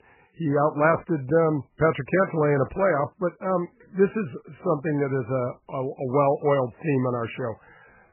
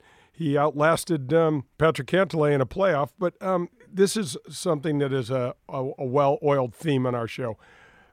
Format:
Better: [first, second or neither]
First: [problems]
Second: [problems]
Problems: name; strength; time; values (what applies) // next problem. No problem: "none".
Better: second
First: garbled, watery; badly; nothing above 3 kHz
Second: none